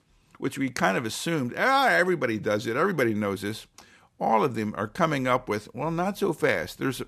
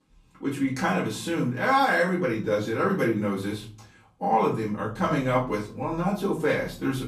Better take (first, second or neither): first